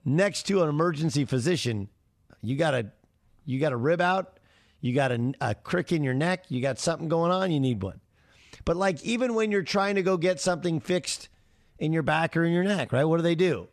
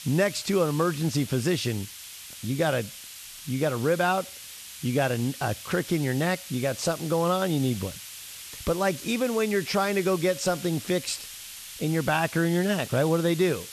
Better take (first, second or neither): first